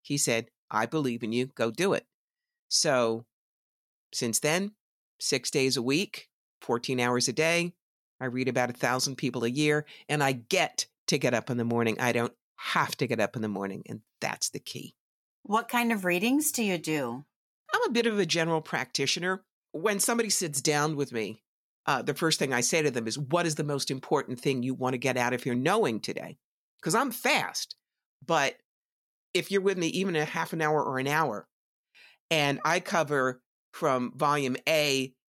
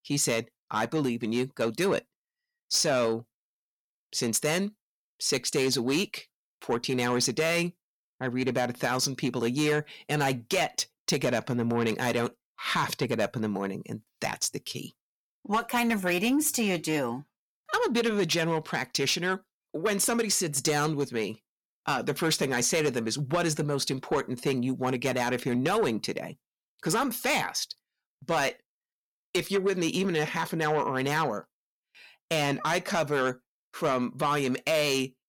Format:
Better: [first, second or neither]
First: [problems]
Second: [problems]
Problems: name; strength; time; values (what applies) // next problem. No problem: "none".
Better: first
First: none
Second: distortion; slight; 10 dB below the speech